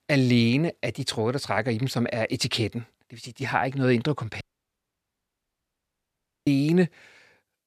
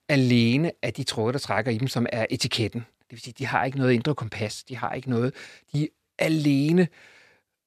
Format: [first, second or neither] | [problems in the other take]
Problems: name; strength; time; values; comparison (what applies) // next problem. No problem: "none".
second | audio cutting out; at 4.5 s for 2 s